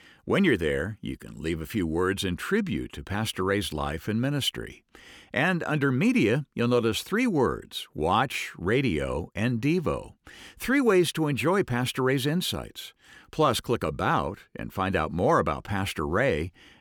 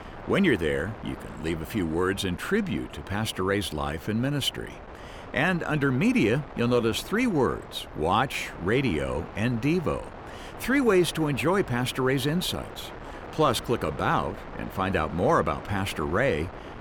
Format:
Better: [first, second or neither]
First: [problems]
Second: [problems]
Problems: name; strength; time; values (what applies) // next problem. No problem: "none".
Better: first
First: none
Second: wind noise on the microphone; occasional gusts; 15 dB below the speech